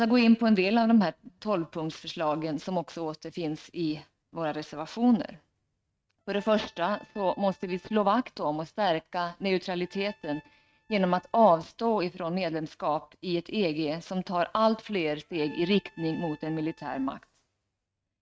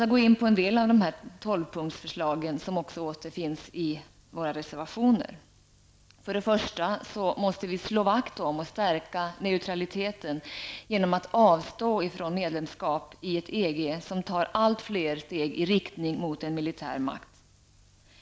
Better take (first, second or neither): second